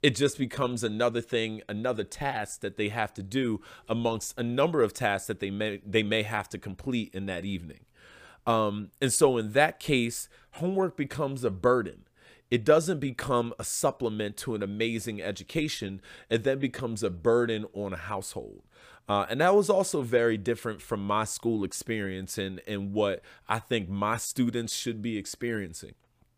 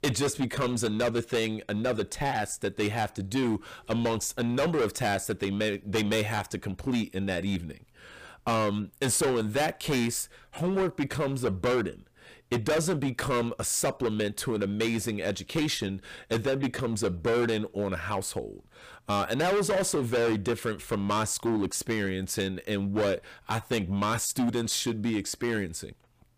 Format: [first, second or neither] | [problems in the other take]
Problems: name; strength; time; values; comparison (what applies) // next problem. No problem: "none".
first | distortion; heavy; 14% of the sound clipped